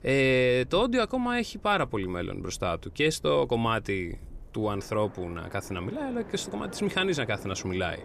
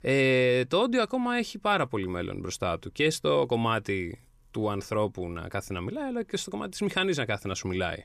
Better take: second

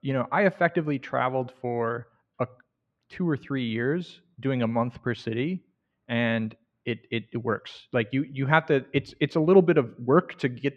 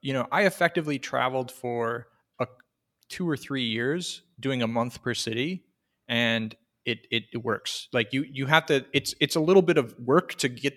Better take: second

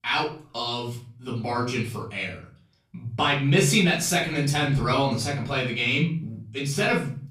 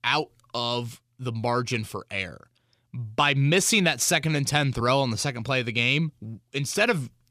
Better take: second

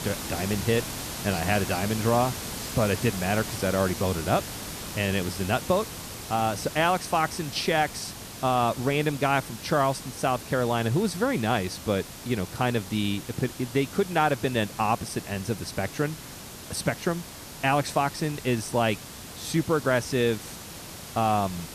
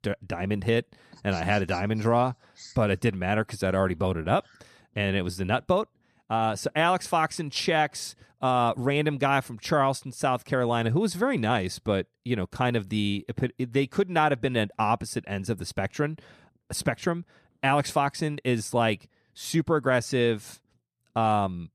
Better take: second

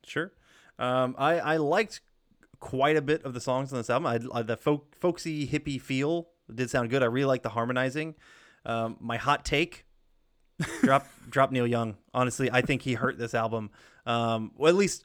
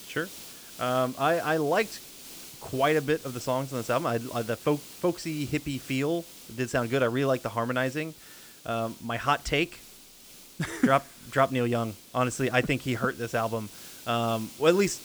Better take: first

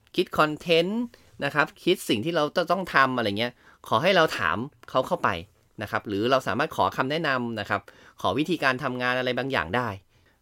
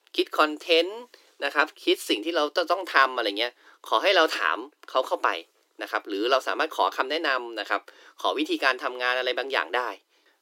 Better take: first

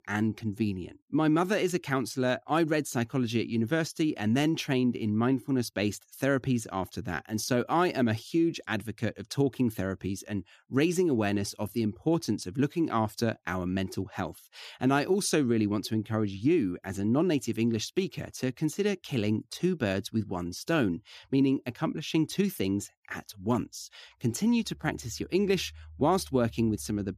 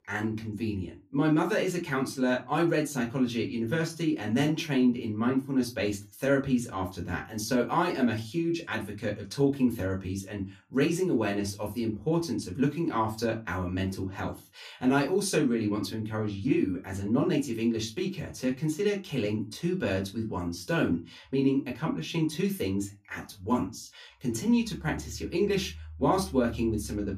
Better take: first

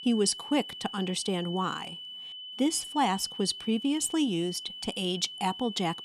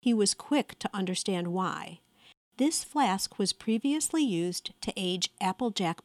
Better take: second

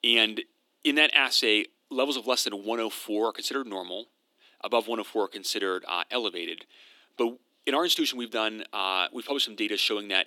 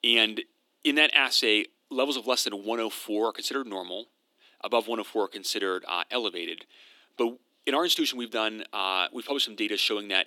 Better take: neither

